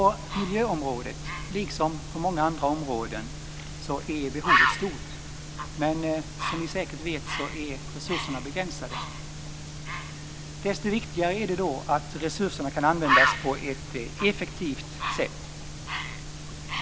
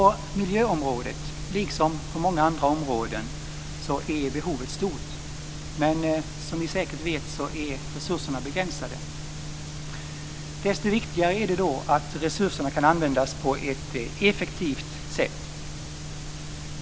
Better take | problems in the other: second | background sound (Bird); 3 dB below the speech

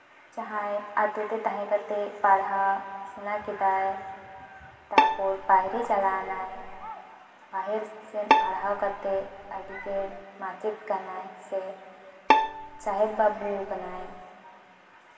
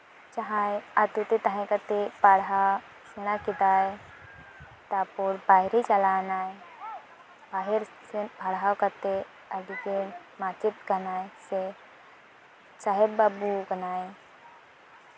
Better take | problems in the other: second | background sound (Bowed string instrument); 1 dB above the speech // room echo; dies away in 2.5 s

